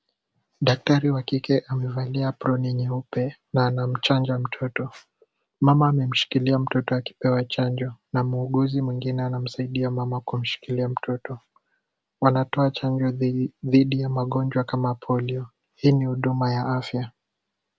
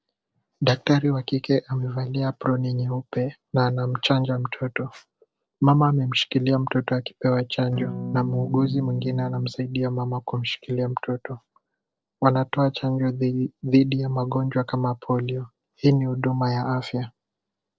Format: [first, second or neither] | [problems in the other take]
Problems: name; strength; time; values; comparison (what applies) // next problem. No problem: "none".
first | noise reduction (neural separator model SepFormer DNS4)